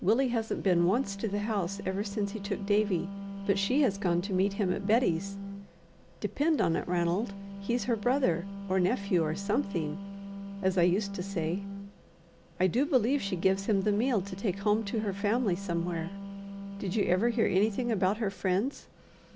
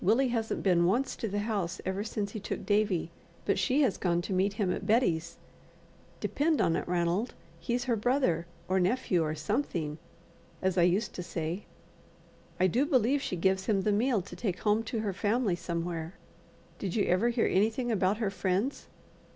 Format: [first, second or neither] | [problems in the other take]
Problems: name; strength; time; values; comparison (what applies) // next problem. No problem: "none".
second | background sound (Wind instrument, woodwind instrument); 10 dB below the speech